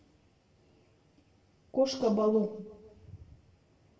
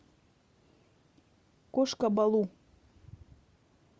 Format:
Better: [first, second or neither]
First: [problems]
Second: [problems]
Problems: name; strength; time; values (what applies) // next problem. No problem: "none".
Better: second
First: room echo; dies away in 0.8 s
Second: none